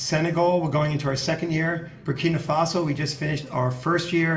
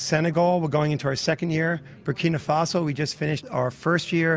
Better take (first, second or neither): second